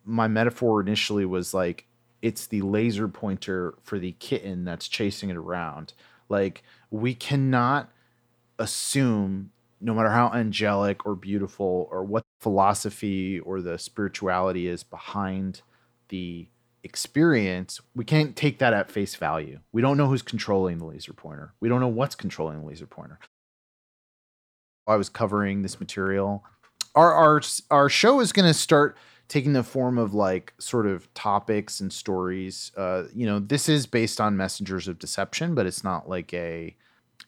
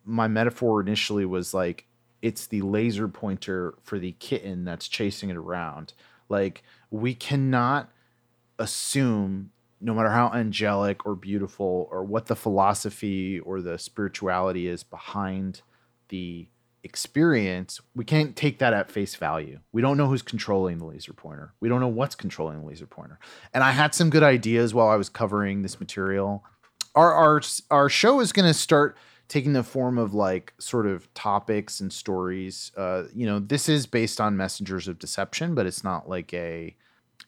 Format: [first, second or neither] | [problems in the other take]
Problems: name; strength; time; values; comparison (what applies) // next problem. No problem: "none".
second | audio cutting out; at 12 s and at 23 s for 1.5 s